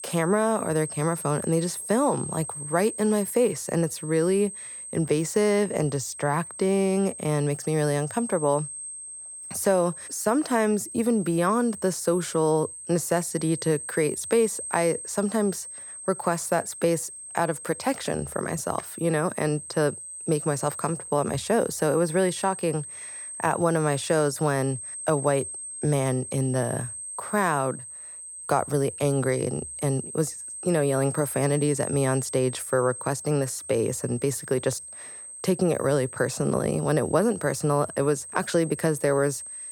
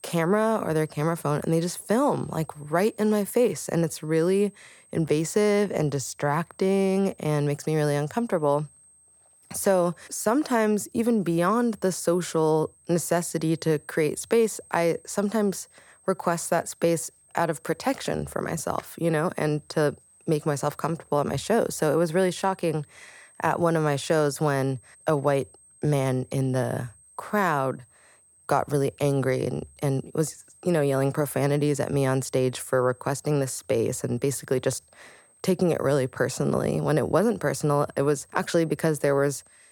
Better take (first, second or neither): second